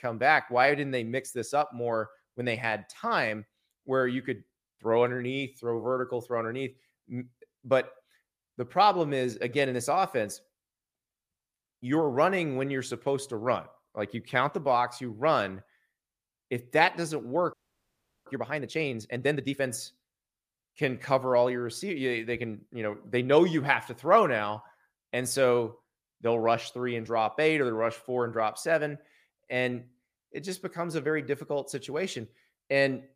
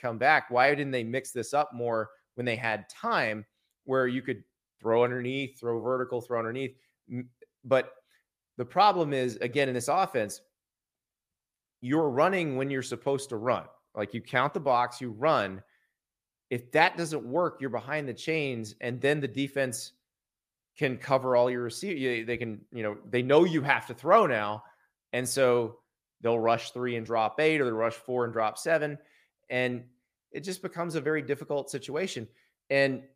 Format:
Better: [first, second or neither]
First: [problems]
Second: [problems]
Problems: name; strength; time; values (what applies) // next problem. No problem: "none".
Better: second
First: audio freezing; at 18 s for 0.5 s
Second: none